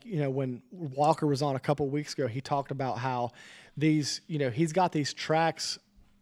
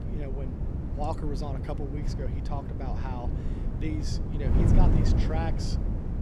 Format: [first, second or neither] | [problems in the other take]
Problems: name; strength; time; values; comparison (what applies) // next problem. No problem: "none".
first | wind noise on the microphone; heavy; 1 dB below the speech